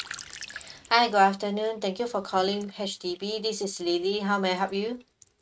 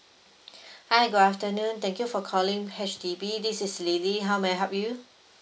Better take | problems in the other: second | noise reduction (neural mask model RNNoise)

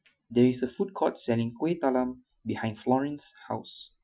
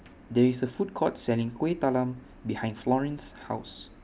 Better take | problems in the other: second | noise reduction (classical method Wiener filter)

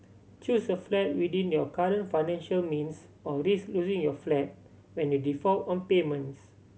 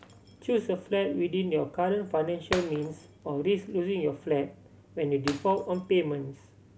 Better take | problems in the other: first | background sound (Shatter); 16 dB below the speech

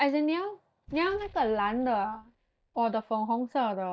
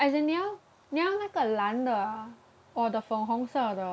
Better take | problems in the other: second | noise reduction (neural mask model DeepFilterNet 3)

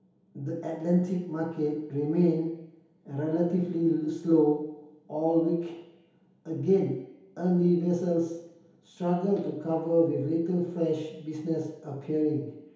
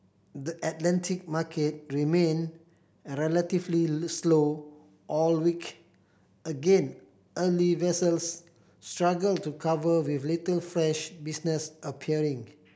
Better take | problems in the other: second | room echo; dies away in 2.2 s

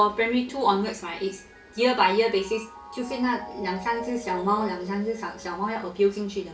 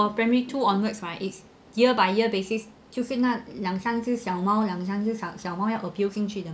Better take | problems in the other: second | background sound (Mallet percussion); 18 dB below the speech // room echo; dies away in 0.3 s

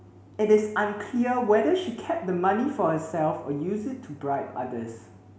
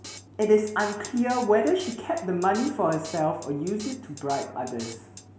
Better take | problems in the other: first | background sound (Drum kit); 18 dB below the speech

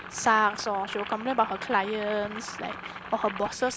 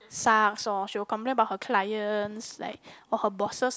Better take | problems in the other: second | background sound (Boiling); 11 dB below the speech

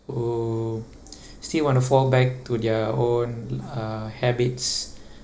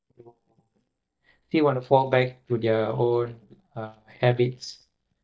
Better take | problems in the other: first | noise reduction (neural mask model DeepFilterNet 3)

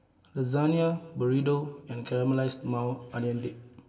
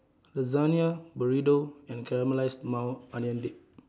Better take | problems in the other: second | room echo; dies away in 2.8 s

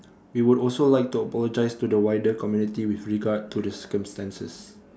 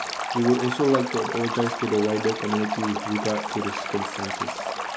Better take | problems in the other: first | background sound (Stream); 4 dB below the speech

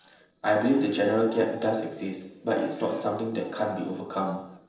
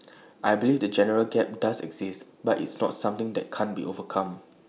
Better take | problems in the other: second | noise reduction (neural separator model SepFormer DNS4)

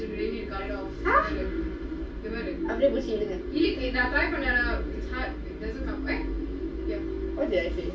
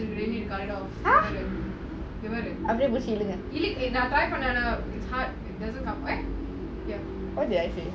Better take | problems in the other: second | room echo; dies away in 0.2 s

